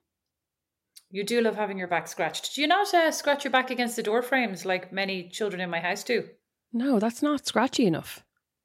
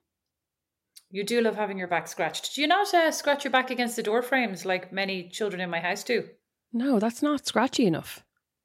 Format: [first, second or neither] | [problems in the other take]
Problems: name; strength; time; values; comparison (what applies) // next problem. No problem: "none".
neither | none